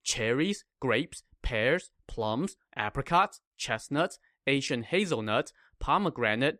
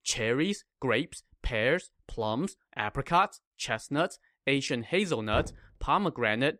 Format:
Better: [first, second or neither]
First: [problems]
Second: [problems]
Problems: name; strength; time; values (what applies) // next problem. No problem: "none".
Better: first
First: none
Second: door banging; noticeable; at 5.5 s; peak 8 dB below the speech